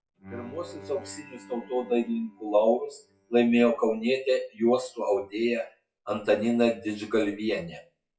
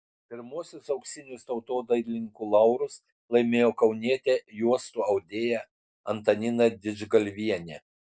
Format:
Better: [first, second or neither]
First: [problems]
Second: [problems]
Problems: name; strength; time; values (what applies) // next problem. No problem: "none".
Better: second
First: noise reduction (classical method WPE with log-MMSE)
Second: none